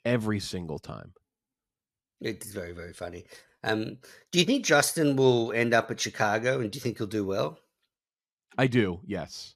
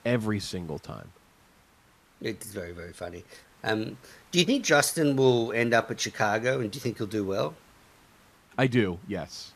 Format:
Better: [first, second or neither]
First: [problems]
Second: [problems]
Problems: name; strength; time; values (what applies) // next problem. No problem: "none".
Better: first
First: none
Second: hiss; faint; throughout; 30 dB below the speech